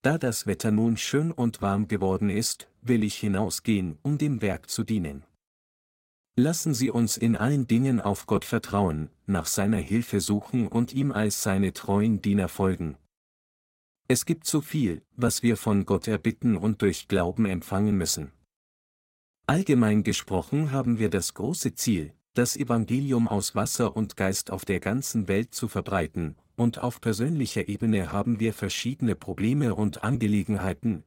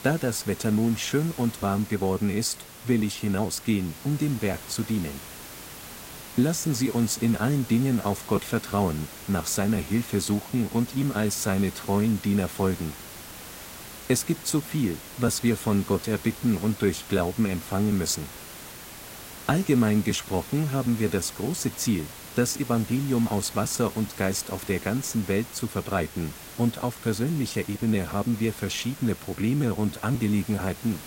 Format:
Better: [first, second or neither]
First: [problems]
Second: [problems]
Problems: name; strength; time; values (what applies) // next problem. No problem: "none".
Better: first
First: none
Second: hiss; noticeable; throughout; 15 dB below the speech